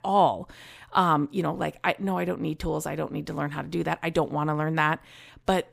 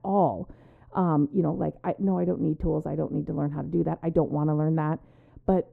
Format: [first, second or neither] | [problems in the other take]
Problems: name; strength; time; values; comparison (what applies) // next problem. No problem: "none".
first | muffled; very; fading above 1.5 kHz